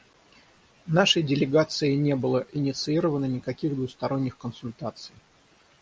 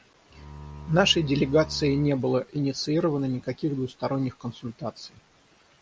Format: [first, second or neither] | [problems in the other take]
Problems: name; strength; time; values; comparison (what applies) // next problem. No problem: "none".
first | background sound (Bowed string instrument); 15 dB below the speech